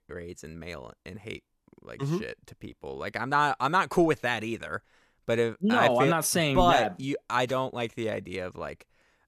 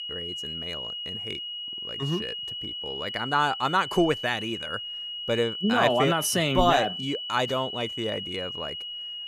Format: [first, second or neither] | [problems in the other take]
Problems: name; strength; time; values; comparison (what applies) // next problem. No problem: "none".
first | high-pitched whine; loud; throughout; 3 kHz, 6 dB below the speech